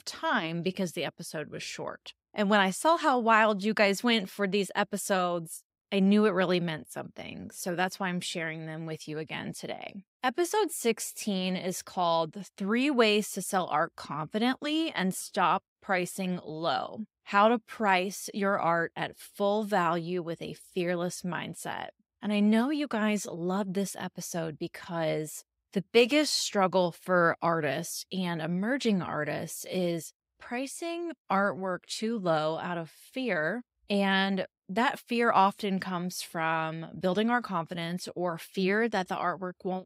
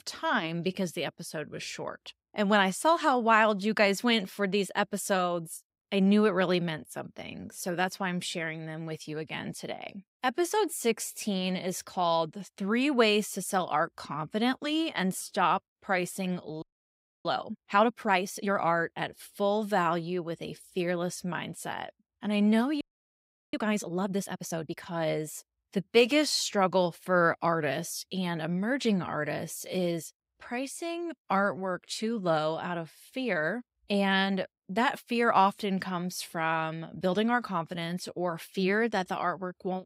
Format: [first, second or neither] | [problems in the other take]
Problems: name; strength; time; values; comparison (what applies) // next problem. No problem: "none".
first | audio freezing; at 17 s for 0.5 s and at 23 s for 0.5 s